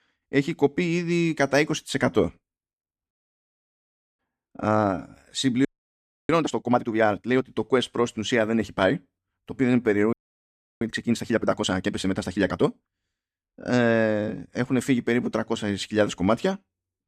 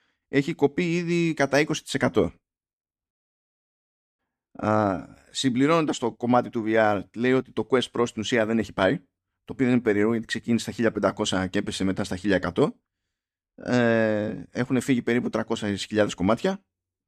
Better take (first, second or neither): second